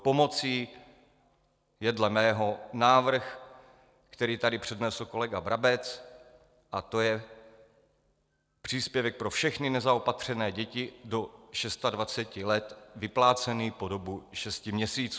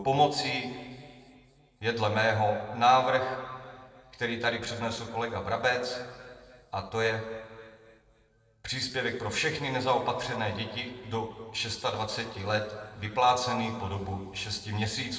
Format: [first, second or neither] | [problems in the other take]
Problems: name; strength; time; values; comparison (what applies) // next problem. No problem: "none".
first | room echo; dies away in 1.8 s